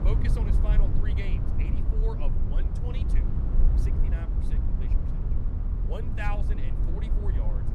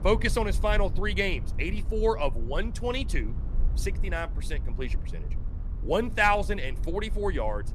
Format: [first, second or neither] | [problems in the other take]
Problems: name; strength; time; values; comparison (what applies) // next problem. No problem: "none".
second | low rumble; loud; throughout; 1 dB below the speech; faint in the second